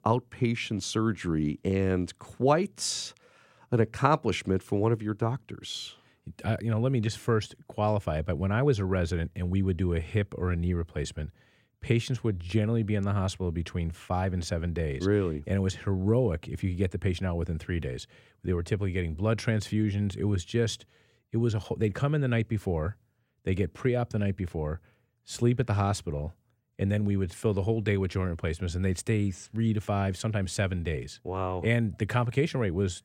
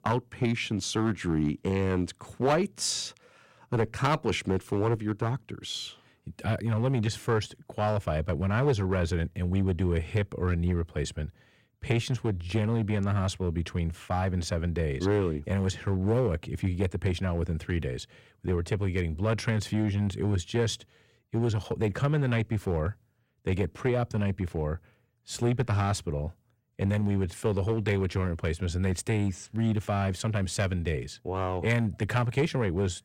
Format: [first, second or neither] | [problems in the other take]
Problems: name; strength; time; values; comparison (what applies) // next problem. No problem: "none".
first | distortion; slight; 4% of the sound clipped